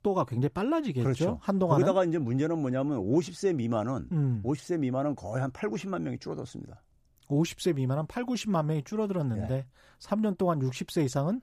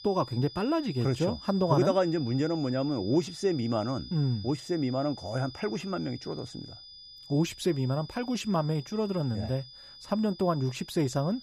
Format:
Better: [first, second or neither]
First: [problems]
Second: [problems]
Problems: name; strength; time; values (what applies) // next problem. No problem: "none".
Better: first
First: none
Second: high-pitched whine; noticeable; throughout; 5 kHz, 15 dB below the speech